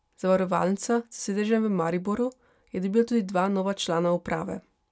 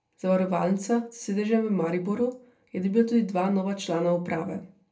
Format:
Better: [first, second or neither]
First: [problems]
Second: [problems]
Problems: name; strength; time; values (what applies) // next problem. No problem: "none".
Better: first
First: none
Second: room echo; dies away in 0.3 s